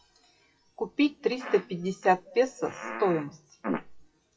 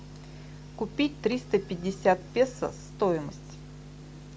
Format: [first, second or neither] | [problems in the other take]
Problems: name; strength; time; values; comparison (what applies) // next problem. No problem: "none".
second | noise reduction (classical method WPE with log-MMSE)